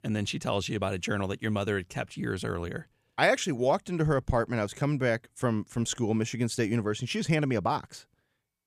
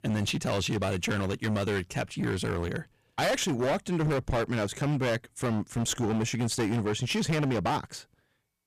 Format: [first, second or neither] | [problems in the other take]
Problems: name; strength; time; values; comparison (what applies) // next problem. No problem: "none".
first | distortion; heavy; 20% of the sound clipped